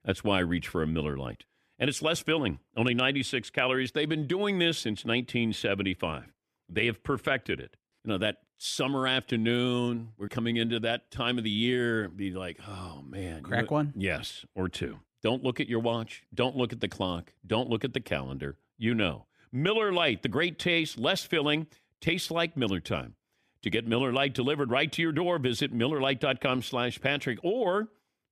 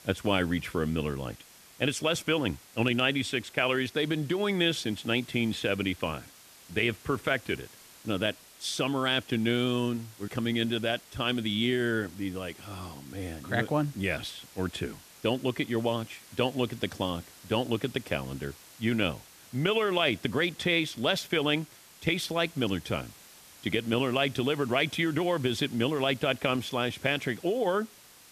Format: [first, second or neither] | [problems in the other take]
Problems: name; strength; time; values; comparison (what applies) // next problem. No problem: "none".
first | hiss; faint; throughout; 20 dB below the speech